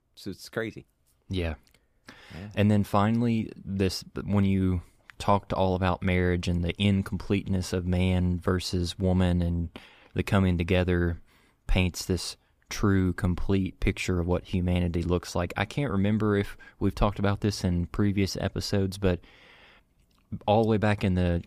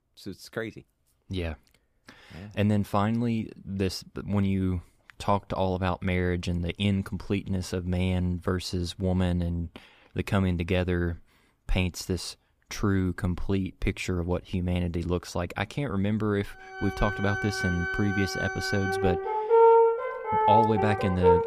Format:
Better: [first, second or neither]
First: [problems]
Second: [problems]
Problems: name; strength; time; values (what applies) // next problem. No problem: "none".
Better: first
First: none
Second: background music; very loud; from 17 s on; 4 dB above the speech